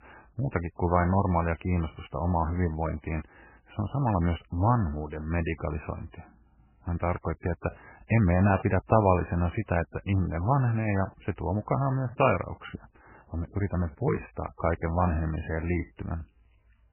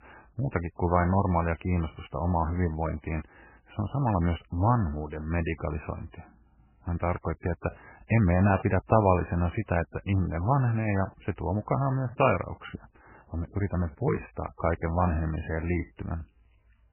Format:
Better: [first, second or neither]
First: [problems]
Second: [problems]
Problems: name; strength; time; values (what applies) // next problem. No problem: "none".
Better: neither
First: garbled, watery; badly; nothing above 2.5 kHz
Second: garbled, watery; badly; nothing above 2.5 kHz